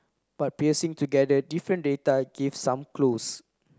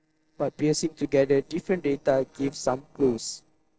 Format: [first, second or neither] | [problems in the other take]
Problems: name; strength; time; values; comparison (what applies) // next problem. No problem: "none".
first | noise reduction (neural separator model SepFormer DNS4)